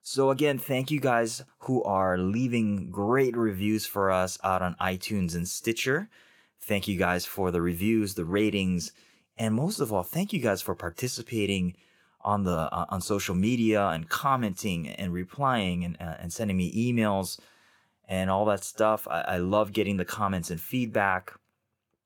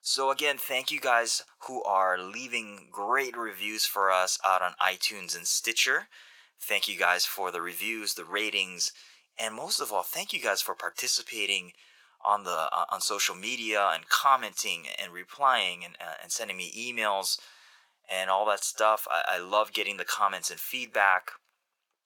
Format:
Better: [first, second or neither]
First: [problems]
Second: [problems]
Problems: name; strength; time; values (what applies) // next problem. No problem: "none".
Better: first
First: none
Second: thin; very; fading below 900 Hz